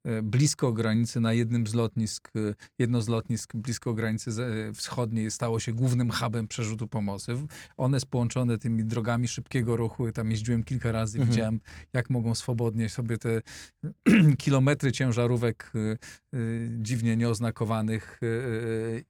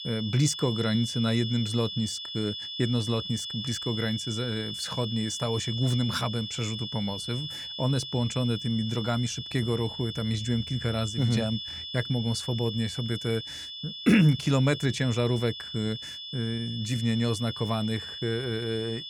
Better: first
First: none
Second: high-pitched whine; loud; throughout; 3.5 kHz, 6 dB below the speech

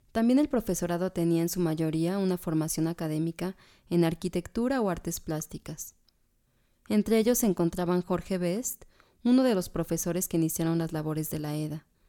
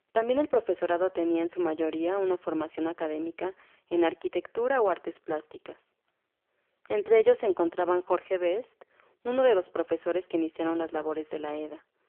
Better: first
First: none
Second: phone-call audio; poor line; nothing above 3 kHz

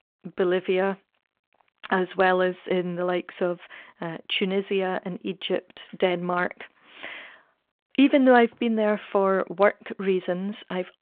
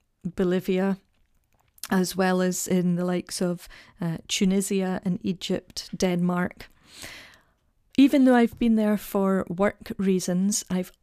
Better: second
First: phone-call audio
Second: none

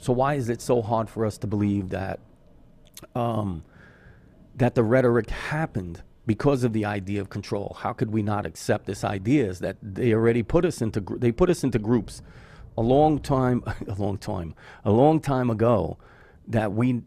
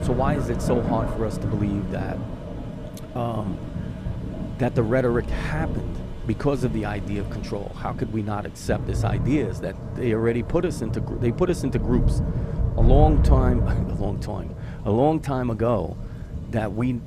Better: first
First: rain or running water; faint; throughout; 25 dB below the speech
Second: rain or running water; loud; throughout; 2 dB below the speech

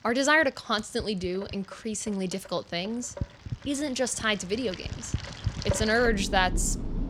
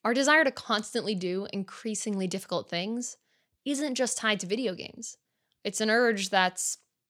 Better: second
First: rain or running water; loud; throughout; 9 dB below the speech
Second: none

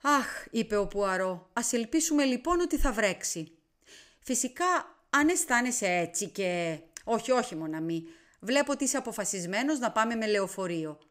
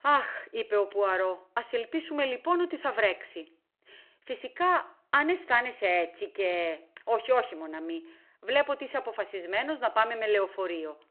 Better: first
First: none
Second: phone-call audio

